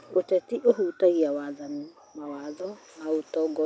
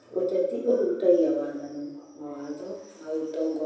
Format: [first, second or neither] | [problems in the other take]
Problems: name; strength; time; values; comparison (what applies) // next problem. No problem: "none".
first | room echo; dies away in 0.8 s